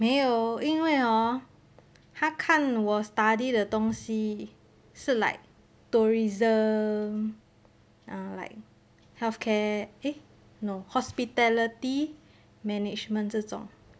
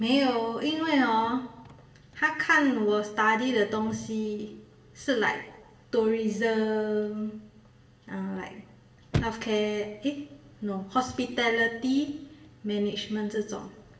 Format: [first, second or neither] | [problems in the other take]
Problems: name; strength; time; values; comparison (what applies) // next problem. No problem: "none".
first | background sound (Chirp, tweet / Slam / Car); 17 dB below the speech // room echo; dies away in 0.7 s